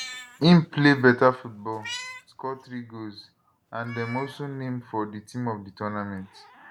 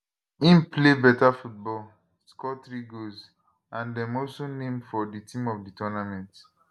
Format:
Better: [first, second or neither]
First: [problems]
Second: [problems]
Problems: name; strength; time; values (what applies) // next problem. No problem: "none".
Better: second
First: background sound (Meow); 19 dB below the speech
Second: none